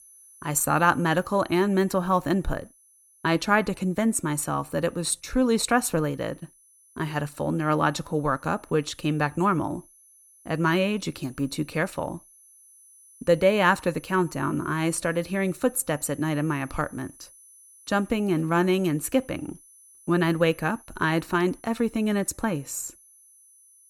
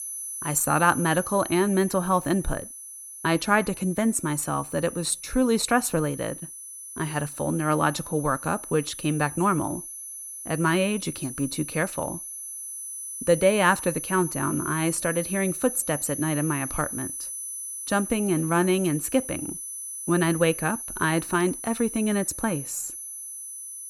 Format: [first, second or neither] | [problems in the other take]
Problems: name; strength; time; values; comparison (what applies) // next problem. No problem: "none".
first | high-pitched whine; loud; throughout; 10 kHz, 8 dB below the speech; faint in the first